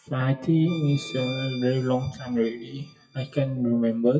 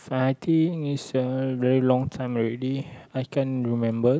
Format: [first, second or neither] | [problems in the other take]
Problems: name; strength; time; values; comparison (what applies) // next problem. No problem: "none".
second | noise reduction (classical method WPE with log-MMSE)